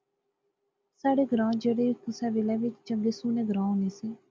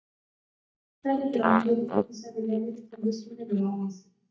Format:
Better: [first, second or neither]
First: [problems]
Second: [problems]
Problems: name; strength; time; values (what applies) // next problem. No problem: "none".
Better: first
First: none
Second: noise reduction (neural mask model DeepFilterNet 3)